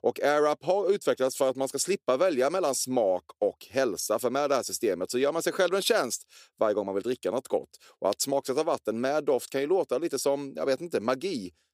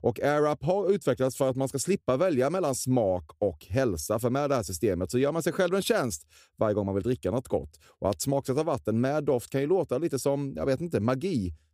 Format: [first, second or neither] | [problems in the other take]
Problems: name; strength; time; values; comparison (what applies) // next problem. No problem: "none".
second | thin; somewhat; fading below 350 Hz